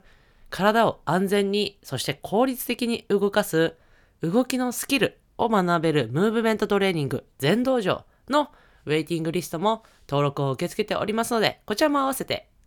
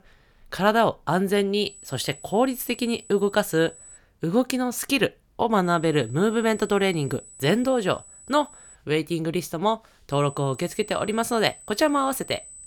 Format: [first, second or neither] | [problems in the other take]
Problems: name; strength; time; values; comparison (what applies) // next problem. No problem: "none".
first | high-pitched whine; noticeable; from 1.5 to 4 s, from 5.5 to 9 s and from 10 s on; 8 kHz, 20 dB below the speech